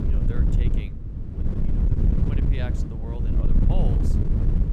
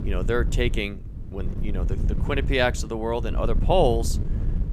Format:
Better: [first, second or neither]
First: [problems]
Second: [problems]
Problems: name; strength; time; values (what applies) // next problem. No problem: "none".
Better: second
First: wind noise on the microphone; heavy; 3 dB above the speech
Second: wind noise on the microphone; occasional gusts; 15 dB below the speech